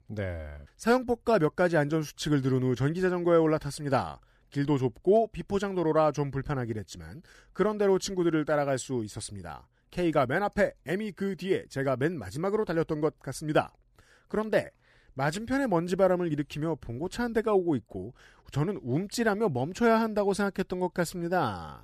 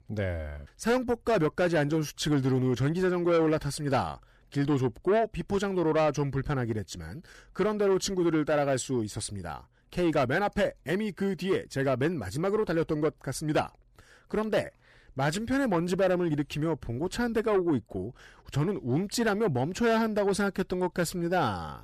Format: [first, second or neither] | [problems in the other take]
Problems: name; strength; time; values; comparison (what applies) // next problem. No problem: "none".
first | distortion; slight; 10 dB below the speech